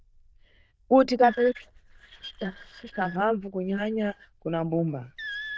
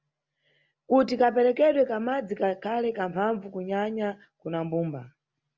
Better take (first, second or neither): second